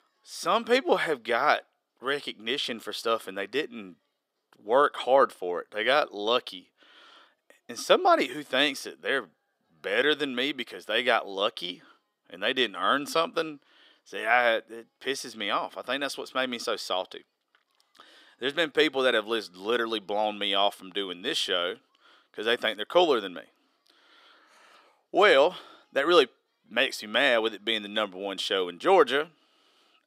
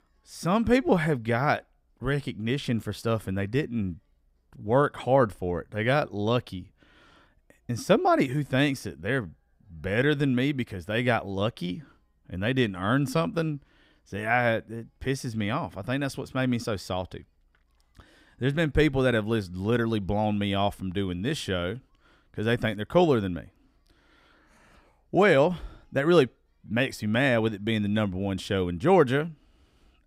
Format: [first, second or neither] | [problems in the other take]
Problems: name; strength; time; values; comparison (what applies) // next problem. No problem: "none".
second | thin; somewhat; fading below 400 Hz